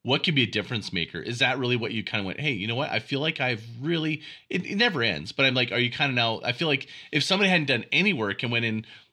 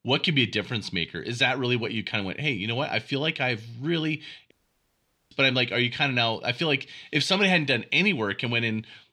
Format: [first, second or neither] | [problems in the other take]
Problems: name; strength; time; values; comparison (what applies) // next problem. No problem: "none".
first | audio cutting out; at 4.5 s for 1 s